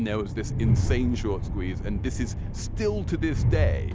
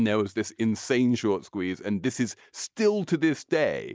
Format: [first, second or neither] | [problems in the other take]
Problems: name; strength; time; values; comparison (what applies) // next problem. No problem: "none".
second | background sound (Train); 4 dB above the speech